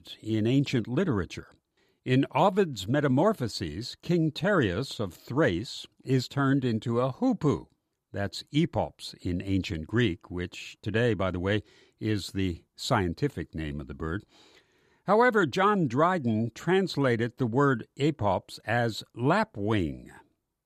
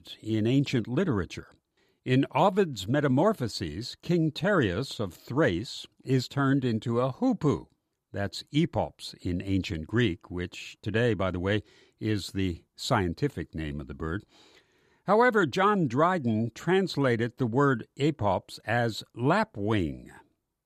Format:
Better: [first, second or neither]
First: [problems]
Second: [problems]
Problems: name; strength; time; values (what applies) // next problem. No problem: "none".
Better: neither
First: none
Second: none